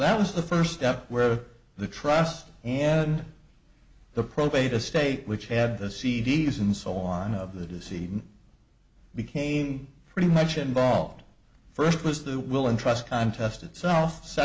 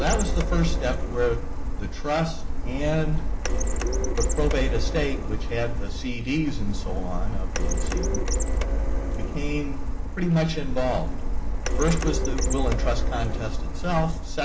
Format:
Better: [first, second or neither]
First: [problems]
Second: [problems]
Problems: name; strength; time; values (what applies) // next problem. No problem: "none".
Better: first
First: none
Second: background sound (Printer); 4 dB above the speech // room echo; dies away in 2.3 s